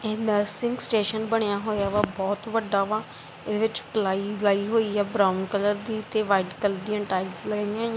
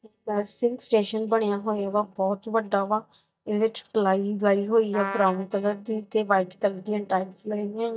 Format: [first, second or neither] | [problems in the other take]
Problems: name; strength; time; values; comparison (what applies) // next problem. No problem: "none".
first | noise reduction (neural mask model DeepFilterNet 3)